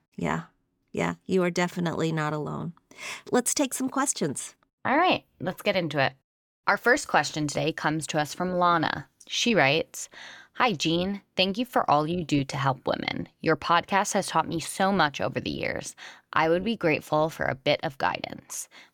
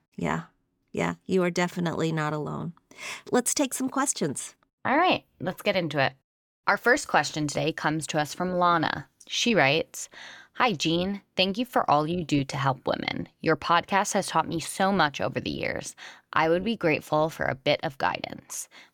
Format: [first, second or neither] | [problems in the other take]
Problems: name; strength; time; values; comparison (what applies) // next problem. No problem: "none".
neither | none